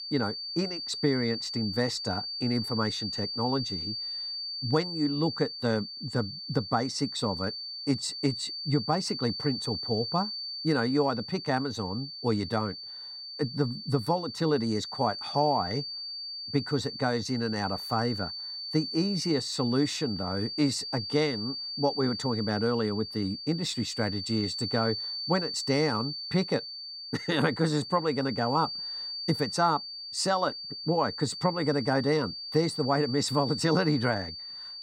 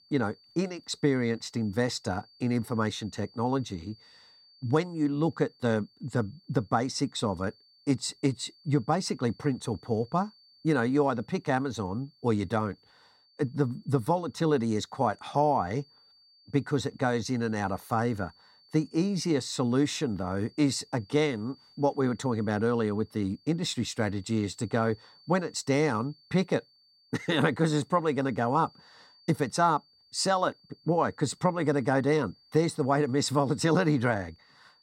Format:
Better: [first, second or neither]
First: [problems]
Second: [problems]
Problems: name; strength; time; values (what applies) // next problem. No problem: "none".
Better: second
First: high-pitched whine; loud; throughout; 4.5 kHz, 5 dB below the speech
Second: high-pitched whine; faint; throughout; 4.5 kHz, 30 dB below the speech